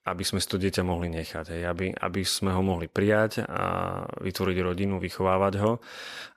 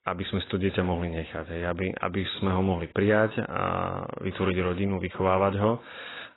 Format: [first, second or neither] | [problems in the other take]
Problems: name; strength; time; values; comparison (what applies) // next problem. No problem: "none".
first | garbled, watery; badly; nothing above 4 kHz